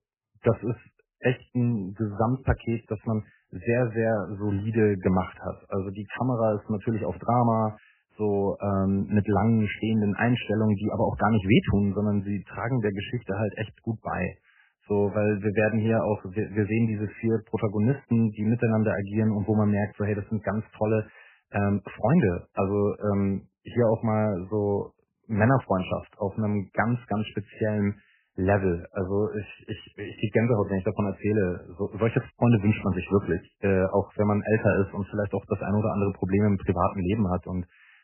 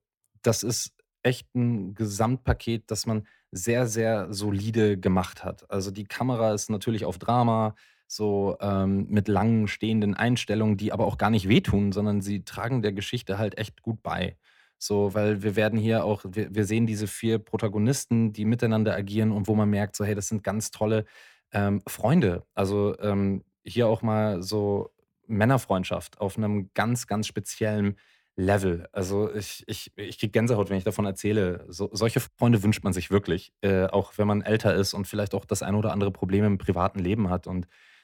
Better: second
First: garbled, watery; badly; nothing above 3 kHz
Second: none

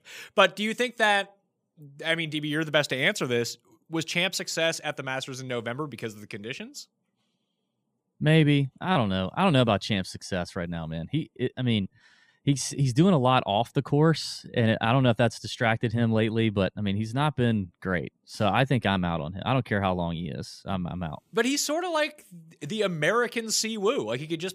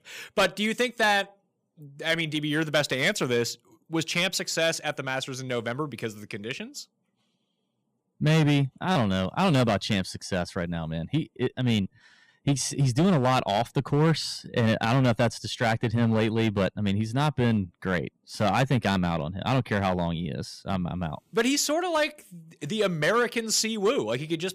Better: first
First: none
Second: distortion; slight; 5% of the sound clipped

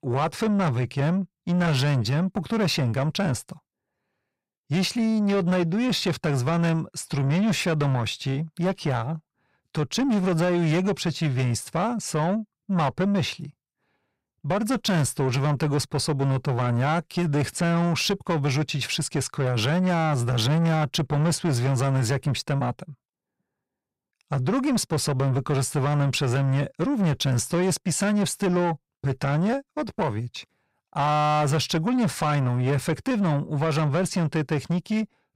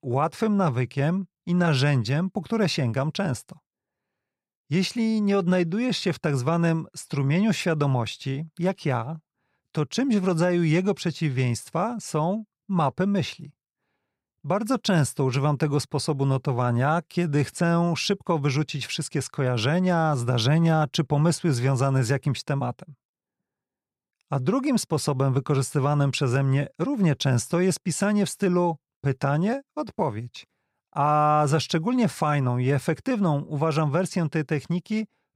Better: second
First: distortion; slight; 10 dB below the speech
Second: none

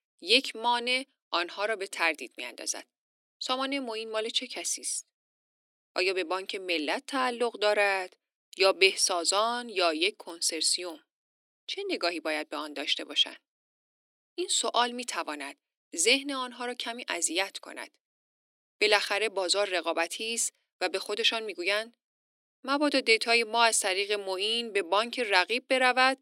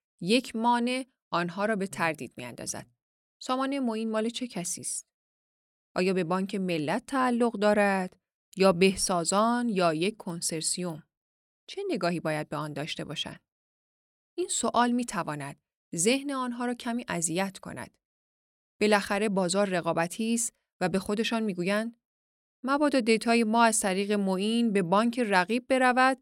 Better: second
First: thin; somewhat; fading below 300 Hz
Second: none

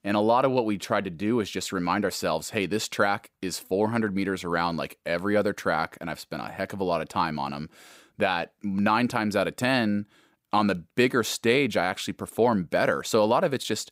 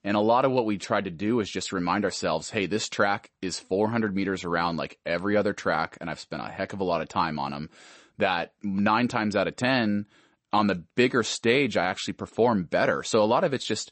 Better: first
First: none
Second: garbled, watery; slightly; nothing above 8 kHz

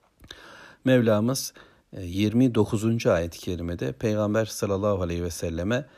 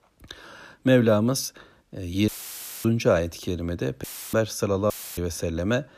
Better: first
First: none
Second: audio cutting out; filled with static; at 2.5 s for 0.5 s, at 4 s and at 5 s

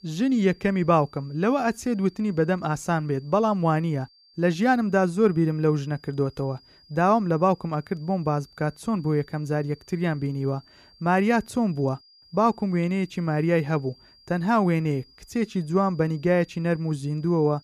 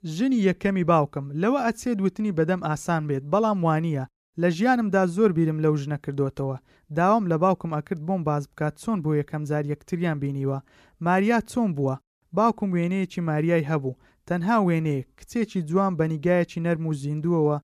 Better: second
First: high-pitched whine; faint; throughout; 4.5 kHz, 30 dB below the speech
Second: none

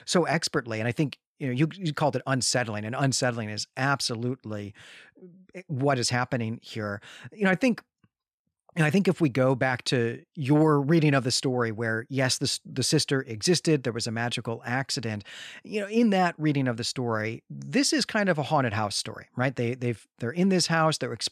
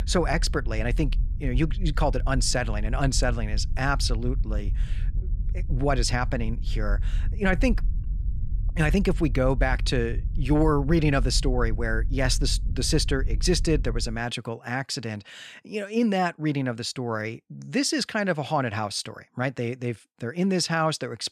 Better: first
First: none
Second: low rumble; faint; until 14 s; 20 dB below the speech

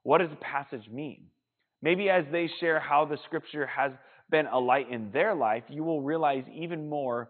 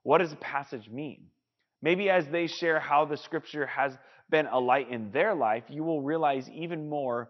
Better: second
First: garbled, watery; badly; nothing above 4 kHz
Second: garbled, watery; slightly; nothing above 6 kHz

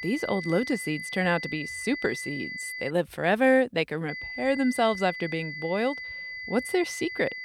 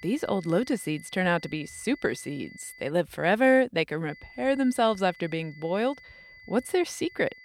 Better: second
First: high-pitched whine; loud; until 3 s and from 4 s on; 2 kHz, 8 dB below the speech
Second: high-pitched whine; faint; until 3 s and from 4 s on; 2 kHz, 20 dB below the speech

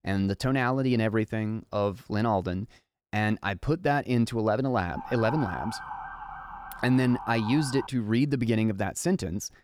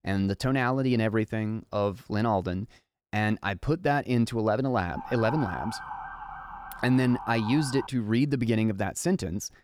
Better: neither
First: siren; noticeable; from 5 to 8 s; peak 8 dB below the speech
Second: siren; noticeable; from 5 to 8 s; peak 8 dB below the speech

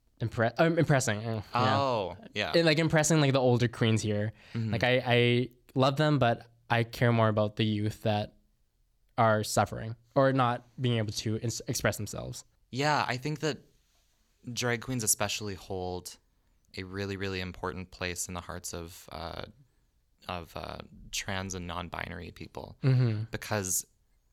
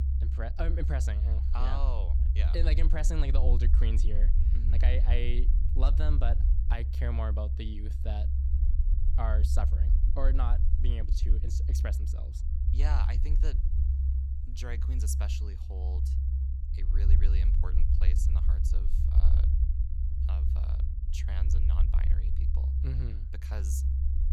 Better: first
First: none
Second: low rumble; loud; throughout; 6 dB below the speech

